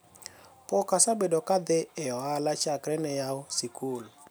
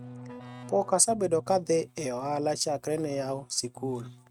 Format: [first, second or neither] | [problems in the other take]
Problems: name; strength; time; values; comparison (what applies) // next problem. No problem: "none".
first | noise reduction (neural mask model RNNoise)